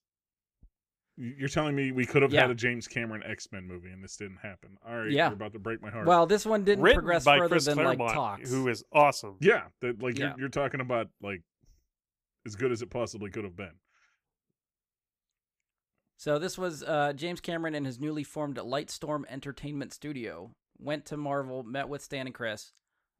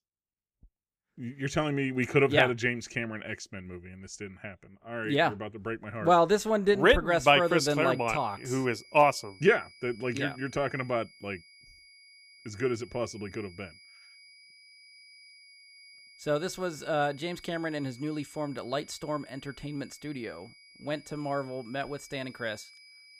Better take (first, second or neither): first